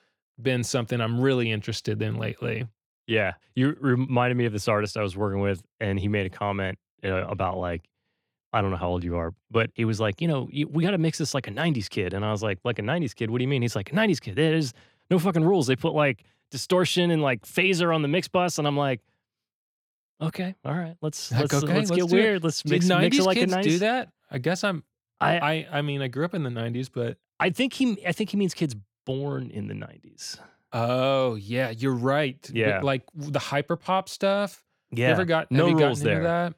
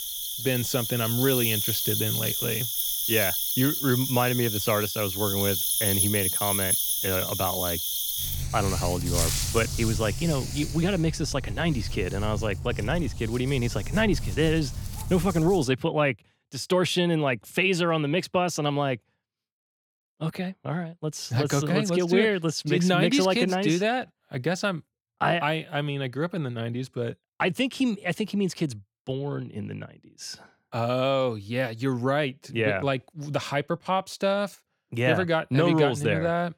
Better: first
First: none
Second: animal sounds; loud; until 16 s; 1 dB below the speech

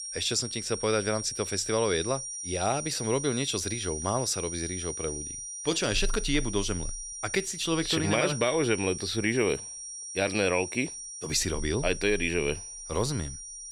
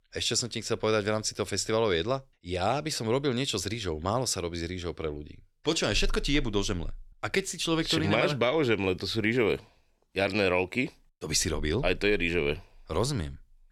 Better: second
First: high-pitched whine; loud; throughout; 5.5 kHz, 7 dB below the speech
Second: none

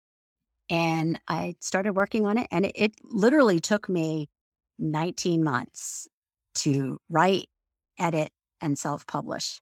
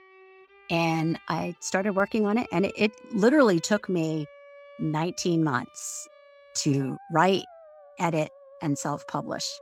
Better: first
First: none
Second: background music; faint; throughout; 25 dB below the speech

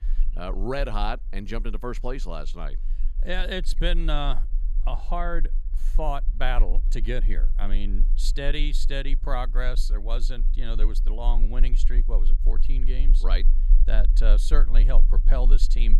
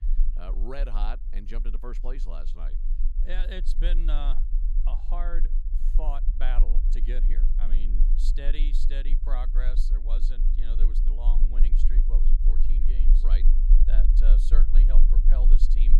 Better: first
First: low rumble; faint; throughout; 20 dB below the speech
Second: low rumble; loud; throughout; 9 dB below the speech

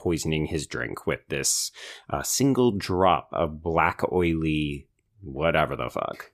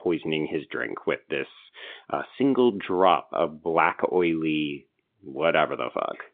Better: first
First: none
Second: phone-call audio; nothing above 3.5 kHz

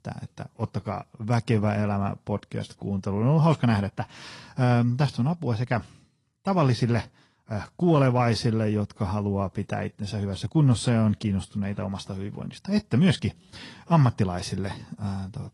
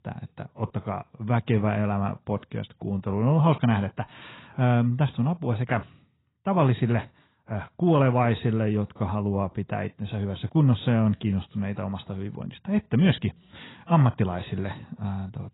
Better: first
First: garbled, watery; slightly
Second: garbled, watery; badly; nothing above 4 kHz

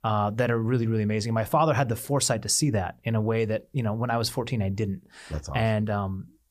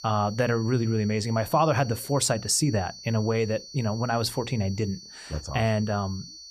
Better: first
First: none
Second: high-pitched whine; noticeable; throughout; 4.5 kHz, 15 dB below the speech

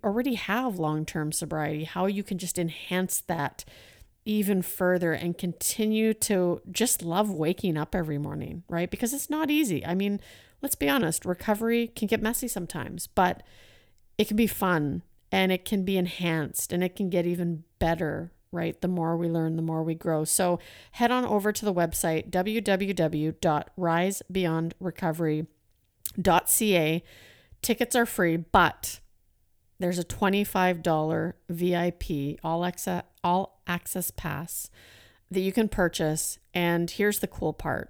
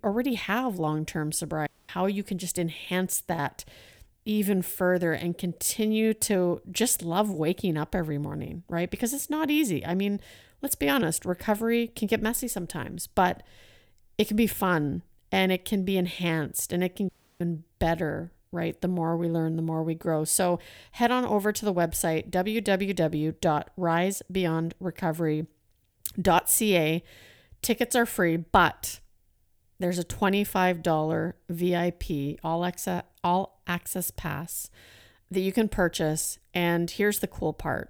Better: first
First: none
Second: audio cutting out; at 1.5 s and at 17 s

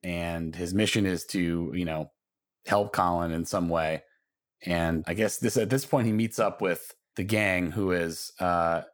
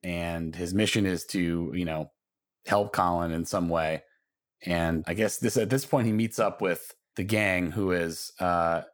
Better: neither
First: none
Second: none

